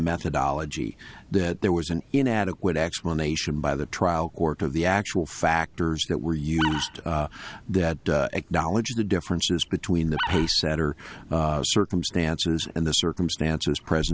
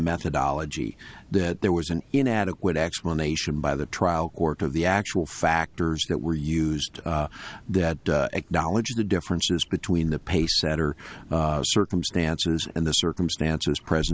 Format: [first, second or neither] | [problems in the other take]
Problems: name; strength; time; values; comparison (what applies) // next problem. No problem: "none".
second | background sound (Animal); 7 dB below the speech